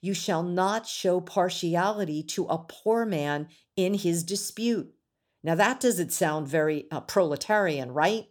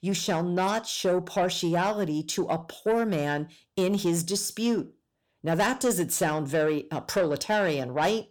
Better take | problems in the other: first | distortion; slight; 10 dB below the speech

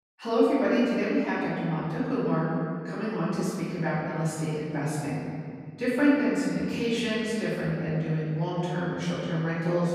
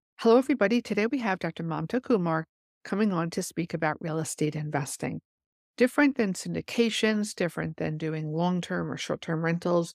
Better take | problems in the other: second | off-mic speech; far // room echo; strong; dies away in 2.1 s

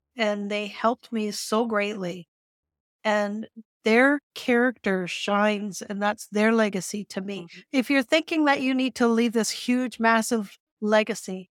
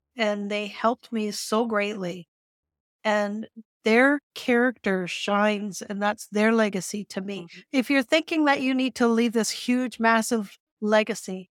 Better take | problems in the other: neither | none

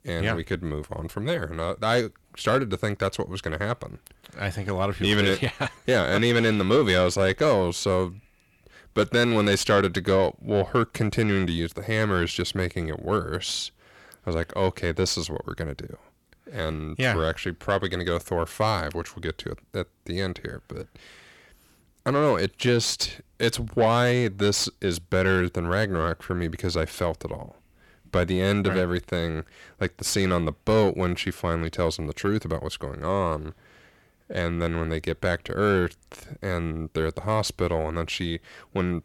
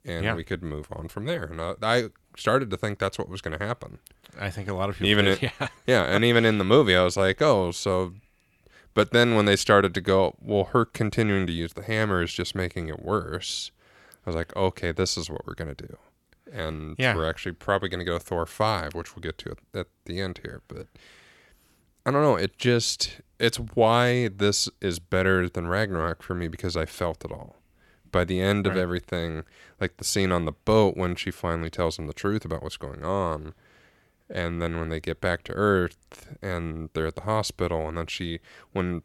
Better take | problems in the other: second | distortion; slight; 10 dB below the speech

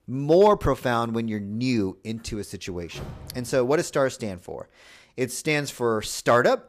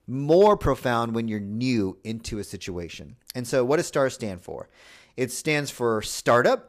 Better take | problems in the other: second | door banging; faint; at 3 s; peak 15 dB below the speech

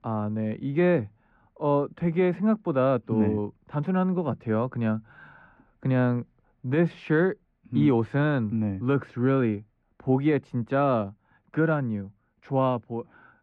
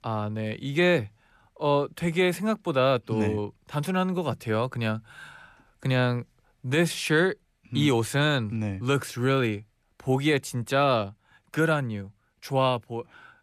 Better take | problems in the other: second | muffled; very; fading above 1.5 kHz

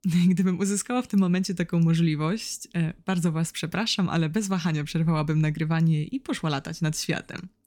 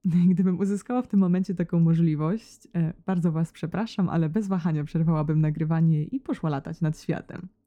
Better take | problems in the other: first | muffled; slightly; fading above 1.5 kHz

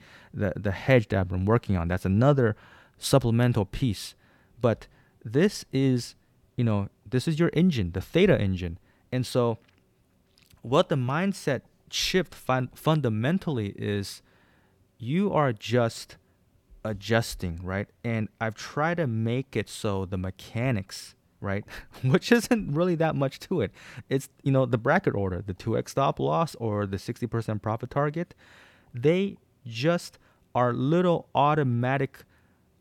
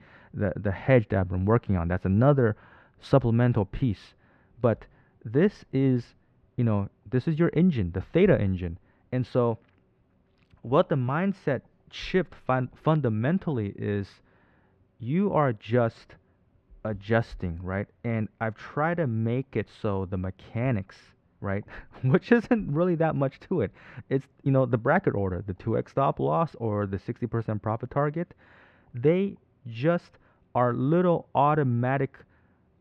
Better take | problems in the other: first | muffled; very; fading above 2 kHz

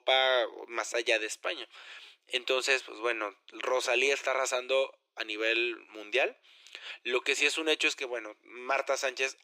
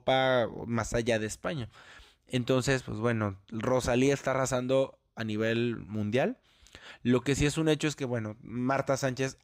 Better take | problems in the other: second | thin; very; fading below 350 Hz

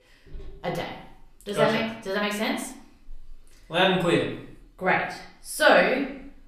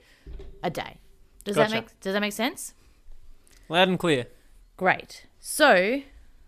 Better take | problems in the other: second | room echo; slight; dies away in 0.6 s // off-mic speech; far

